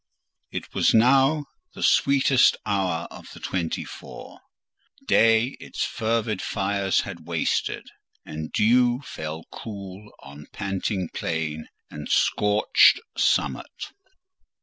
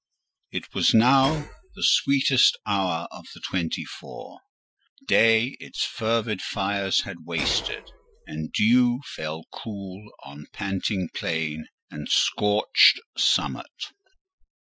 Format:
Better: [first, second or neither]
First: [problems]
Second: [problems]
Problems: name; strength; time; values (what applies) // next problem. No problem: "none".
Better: first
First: none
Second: noise reduction (classical method Wiener filter)